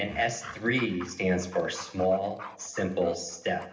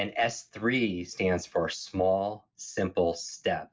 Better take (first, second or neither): second